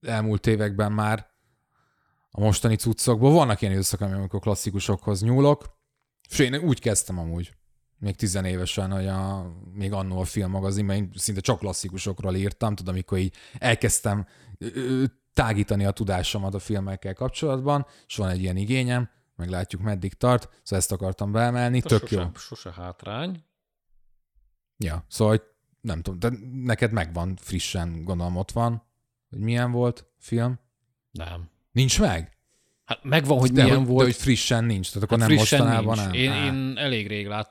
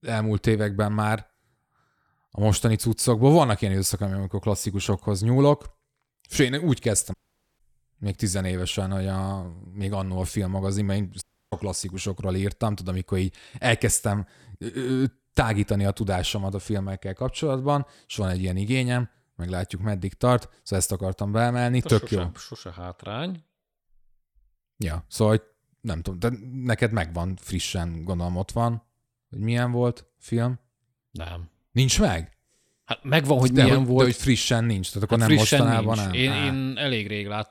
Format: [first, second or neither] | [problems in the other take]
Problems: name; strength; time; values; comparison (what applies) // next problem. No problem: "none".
first | audio cutting out; at 7 s and at 11 s